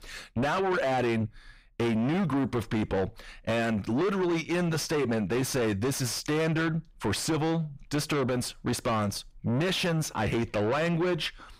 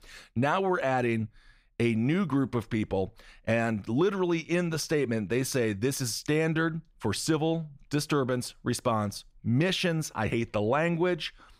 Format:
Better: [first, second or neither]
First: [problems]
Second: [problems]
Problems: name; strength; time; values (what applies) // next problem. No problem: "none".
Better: second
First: distortion; heavy; 6 dB below the speech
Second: none